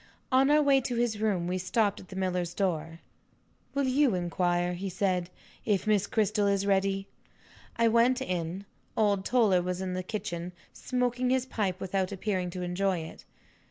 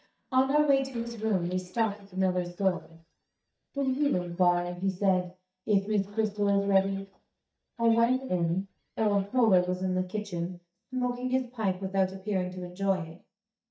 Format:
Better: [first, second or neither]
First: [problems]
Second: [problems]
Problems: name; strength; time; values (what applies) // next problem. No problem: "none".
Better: first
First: none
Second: noise reduction (neural mask model DeepFilterNet 3)